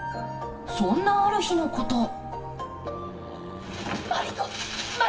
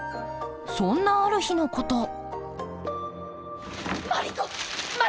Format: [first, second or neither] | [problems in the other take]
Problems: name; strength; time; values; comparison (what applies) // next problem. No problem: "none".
second | background sound (Accelerating, revving, vroom); 16 dB below the speech // room echo; dies away in 0.6 s